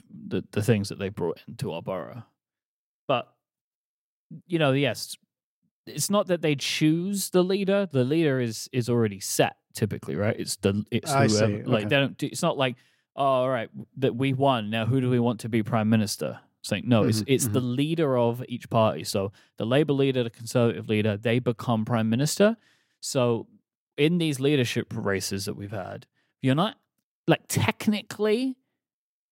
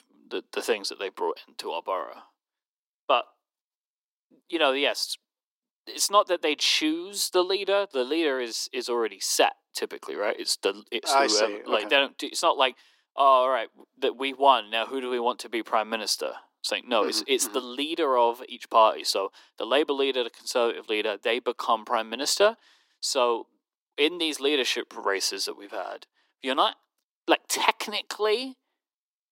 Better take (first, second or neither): first